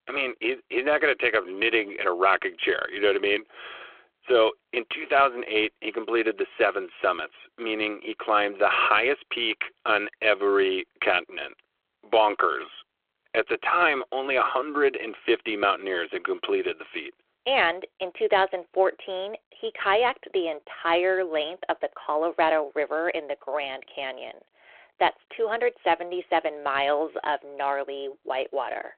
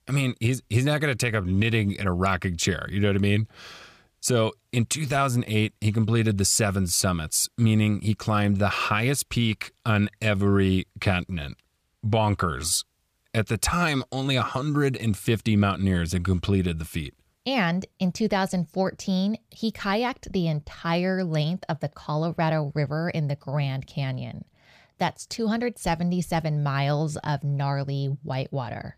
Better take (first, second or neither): second